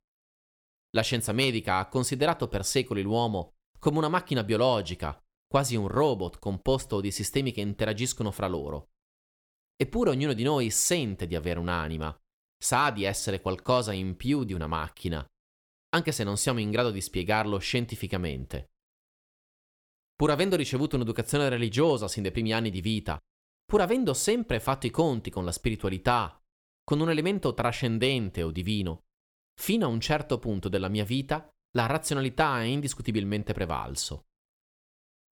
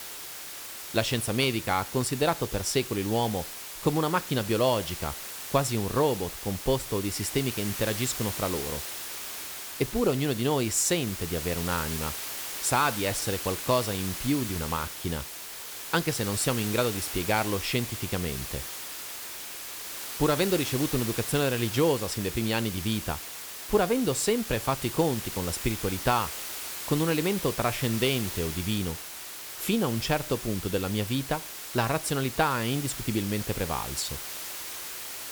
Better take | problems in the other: first | hiss; loud; throughout; 6 dB below the speech

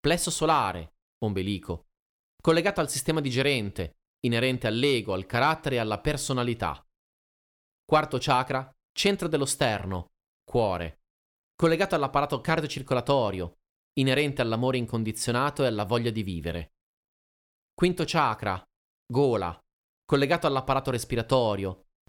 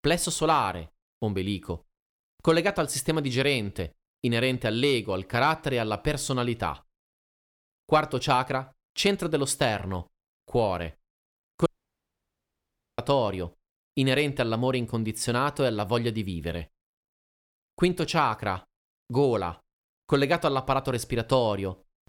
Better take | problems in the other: first | audio cutting out; at 12 s for 1.5 s

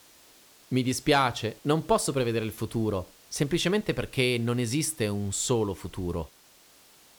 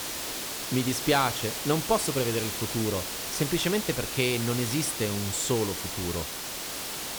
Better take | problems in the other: first | hiss; loud; throughout; 3 dB below the speech; faint in the first

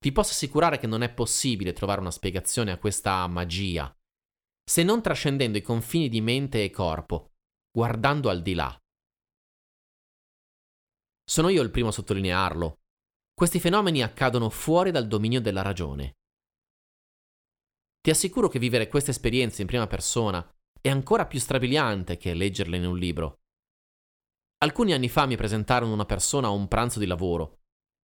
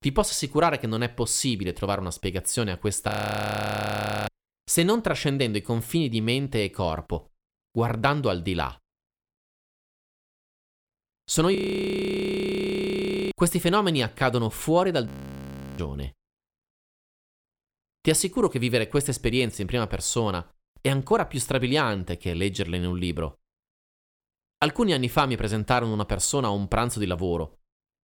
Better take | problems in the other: first | audio freezing; at 3 s for 1 s, at 12 s for 2 s and at 15 s for 0.5 s

